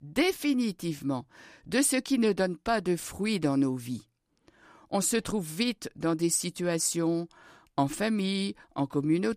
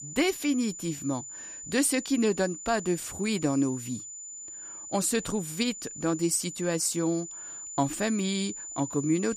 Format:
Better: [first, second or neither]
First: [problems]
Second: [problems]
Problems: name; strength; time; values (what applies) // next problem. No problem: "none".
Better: first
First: none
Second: high-pitched whine; loud; throughout; 7 kHz, 10 dB below the speech